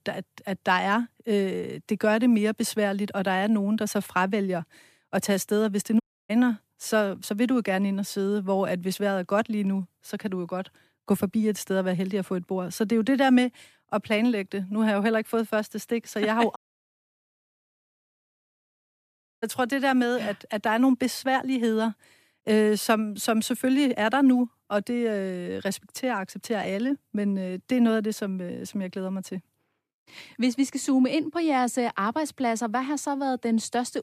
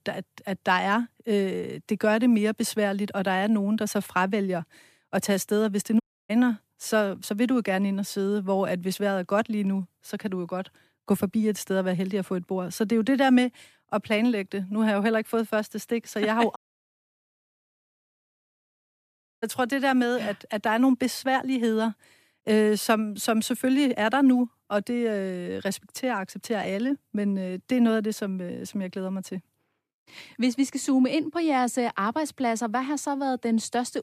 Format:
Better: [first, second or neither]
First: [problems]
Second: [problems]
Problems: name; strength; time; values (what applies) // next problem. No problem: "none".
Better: neither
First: audio cutting out; at 6 s and at 17 s for 3 s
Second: audio cutting out; at 6 s and at 17 s for 3 s